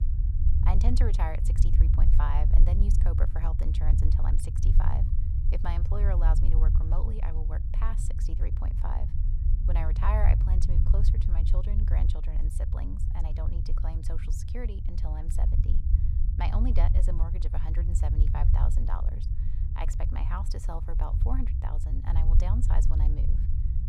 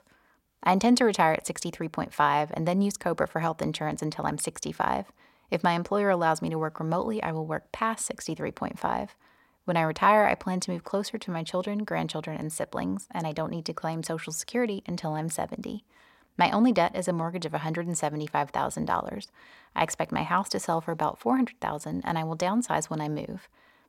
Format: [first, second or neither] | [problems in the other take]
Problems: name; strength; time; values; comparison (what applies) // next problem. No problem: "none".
second | low rumble; loud; throughout; 5 dB below the speech